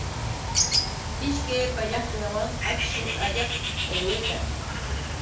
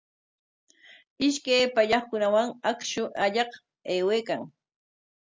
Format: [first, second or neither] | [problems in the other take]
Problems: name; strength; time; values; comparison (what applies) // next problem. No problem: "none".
second | background sound (Bird); 4 dB above the speech // room echo; dies away in 0.4 s